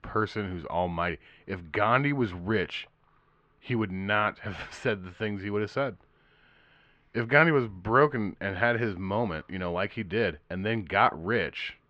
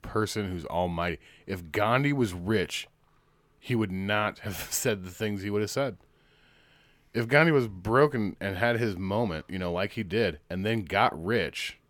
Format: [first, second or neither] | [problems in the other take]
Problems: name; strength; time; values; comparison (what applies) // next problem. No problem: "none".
second | muffled; slightly; fading above 3.5 kHz